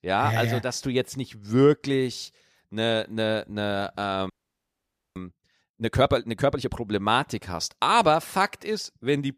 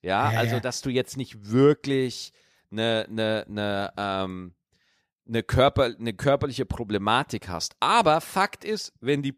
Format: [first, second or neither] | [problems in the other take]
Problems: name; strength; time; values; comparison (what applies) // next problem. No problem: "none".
second | audio freezing; at 4.5 s for 1 s